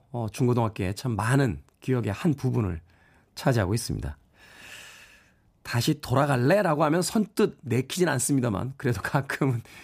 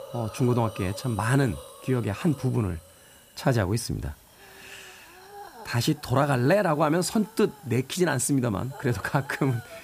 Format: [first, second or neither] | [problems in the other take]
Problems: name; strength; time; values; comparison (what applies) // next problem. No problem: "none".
first | hiss; noticeable; throughout; 20 dB below the speech